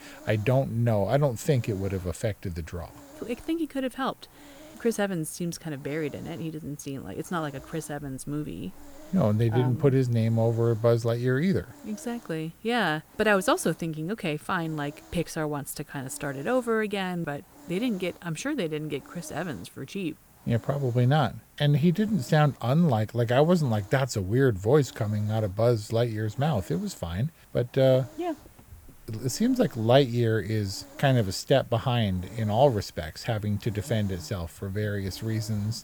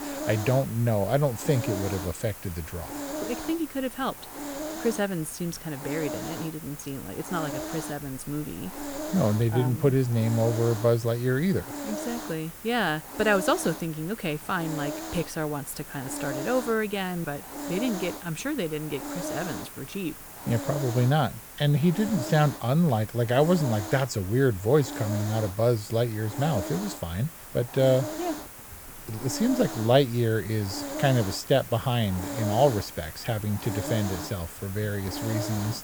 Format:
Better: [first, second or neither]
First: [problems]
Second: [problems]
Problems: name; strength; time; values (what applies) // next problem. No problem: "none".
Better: first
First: hiss; faint; throughout; 25 dB below the speech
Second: hiss; loud; throughout; 9 dB below the speech